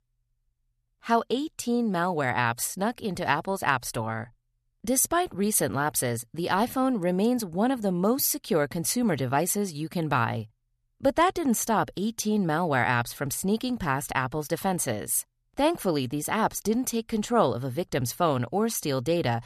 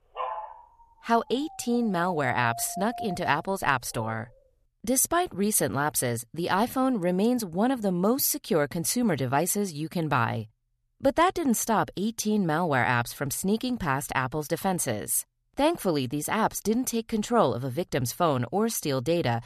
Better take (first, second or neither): first